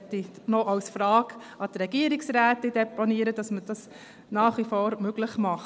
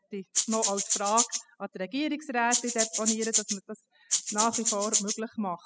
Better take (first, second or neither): first